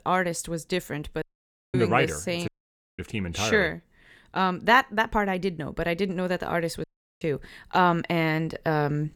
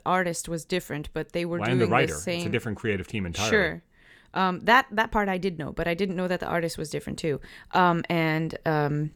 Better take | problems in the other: second | audio cutting out; at 1 s for 0.5 s, at 2.5 s for 0.5 s and at 7 s

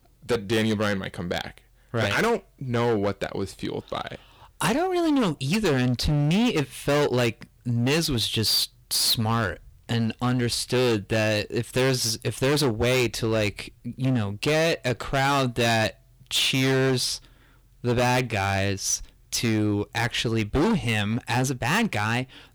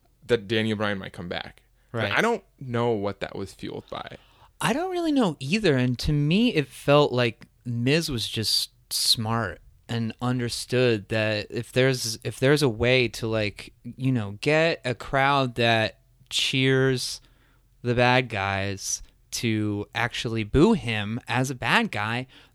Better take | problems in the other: second | distortion; heavy; 15% of the sound clipped

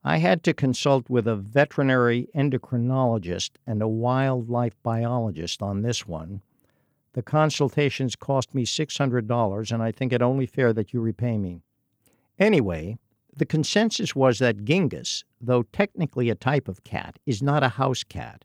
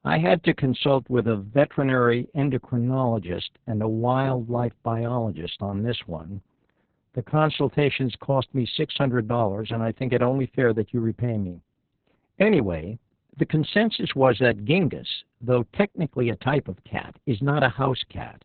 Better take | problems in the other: first | garbled, watery; badly; nothing above 4 kHz

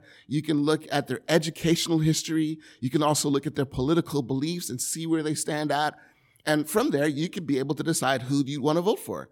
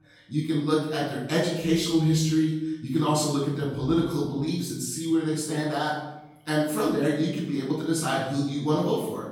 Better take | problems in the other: first | off-mic speech; far // room echo; noticeable; dies away in 0.8 s

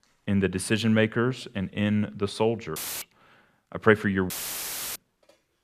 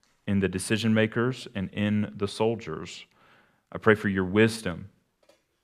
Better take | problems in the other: second | audio cutting out; filled with static; at 3 s and at 4.5 s for 0.5 s

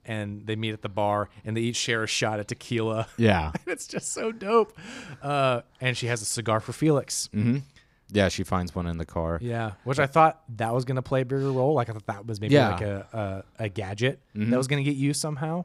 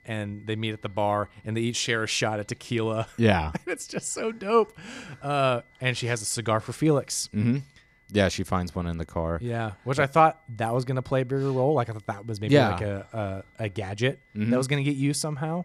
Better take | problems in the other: first | high-pitched whine; faint; throughout; 2 kHz, 35 dB below the speech

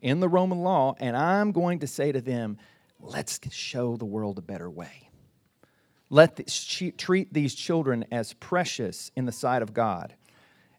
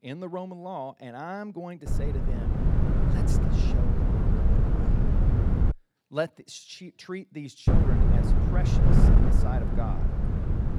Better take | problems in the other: first | wind noise on the microphone; heavy; from 2 to 5.5 s and from 7.5 s on; 2 dB above the speech

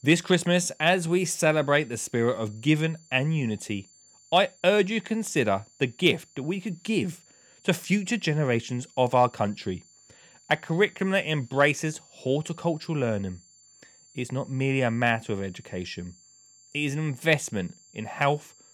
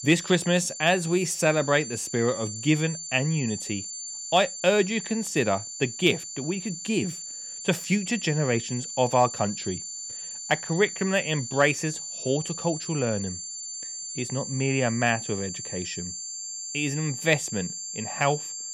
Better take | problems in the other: first | high-pitched whine; loud; throughout; 7 kHz, 7 dB below the speech; faint in the first

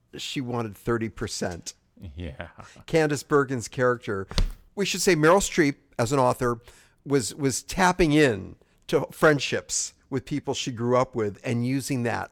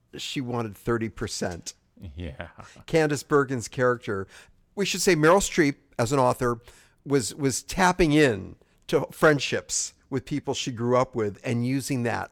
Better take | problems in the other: second | footsteps; noticeable; at 4.5 s; peak 6 dB below the speech

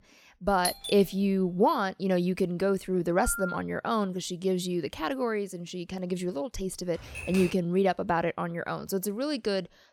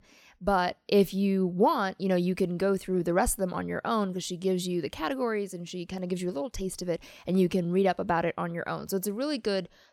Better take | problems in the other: second | doorbell; noticeable; at 0.5 s; peak 3 dB below the speech // phone ringing; noticeable; at 3 s; peak 7 dB below the speech // keyboard typing; noticeable; at 7 s; peak 8 dB below the speech

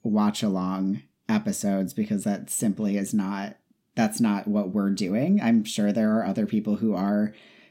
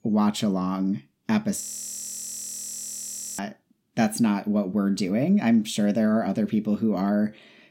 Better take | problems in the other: first | audio freezing; at 1.5 s for 2 s

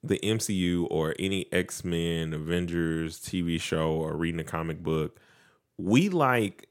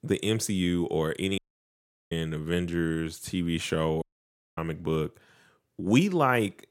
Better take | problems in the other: first | audio cutting out; at 1.5 s for 0.5 s and at 4 s for 0.5 s

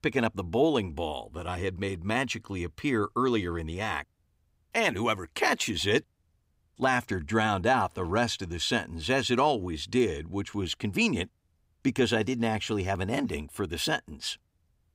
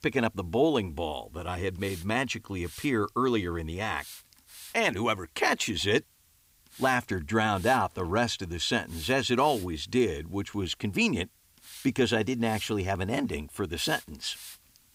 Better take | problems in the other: first | hiss; noticeable; throughout; 20 dB below the speech

